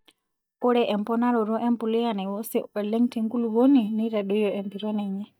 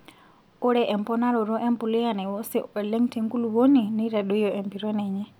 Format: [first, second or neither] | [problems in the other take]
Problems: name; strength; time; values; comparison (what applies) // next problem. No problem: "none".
second | noise reduction (neural mask model DeepFilterNet 3)